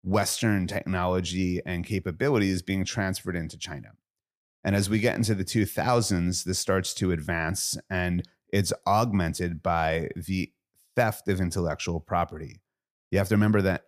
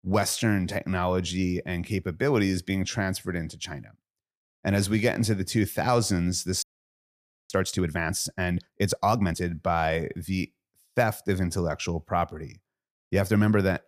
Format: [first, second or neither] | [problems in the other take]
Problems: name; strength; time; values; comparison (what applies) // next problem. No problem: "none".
first | audio freezing; at 6.5 s for 1 s